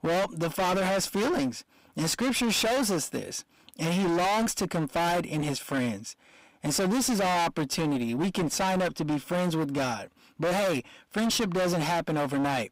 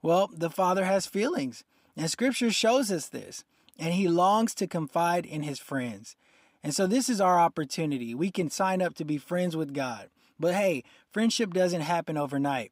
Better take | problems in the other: second | distortion; heavy; 32% of the sound clipped

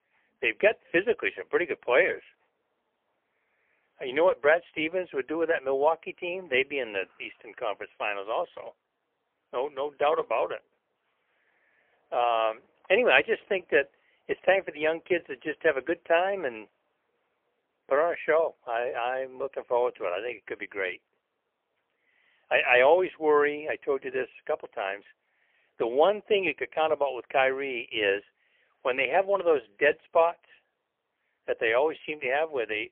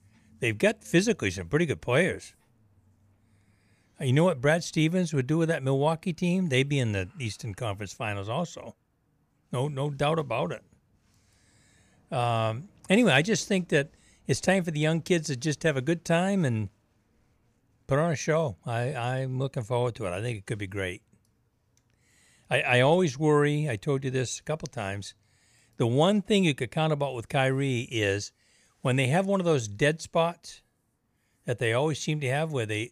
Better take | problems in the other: second | phone-call audio; poor line

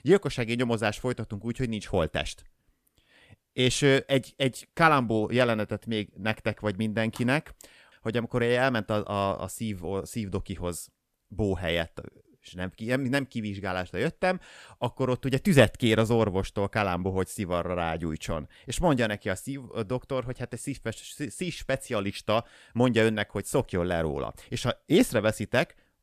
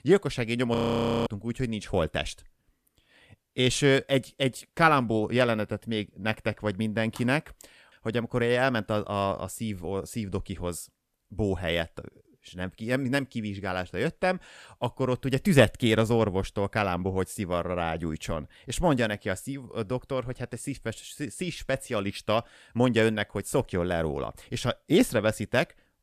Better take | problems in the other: first | audio freezing; at 1 s for 0.5 s

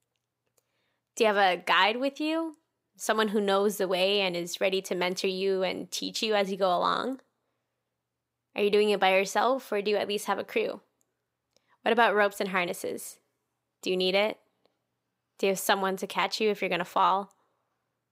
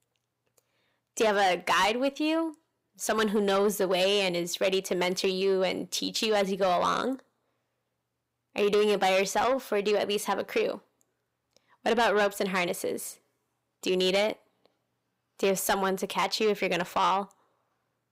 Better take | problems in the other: first | distortion; slight; 10 dB below the speech

